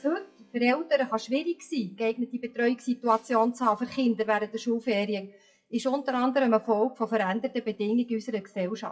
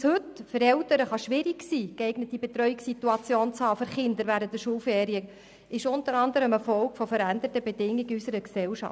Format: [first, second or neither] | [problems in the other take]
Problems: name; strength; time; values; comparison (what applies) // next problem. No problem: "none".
second | noise reduction (classical method WPE with log-MMSE)